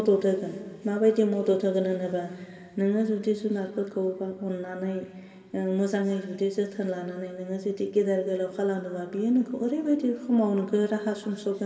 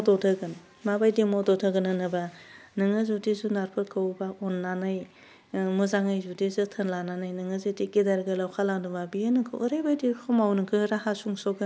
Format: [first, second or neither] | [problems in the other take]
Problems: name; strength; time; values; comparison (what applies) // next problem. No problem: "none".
second | room echo; dies away in 2 s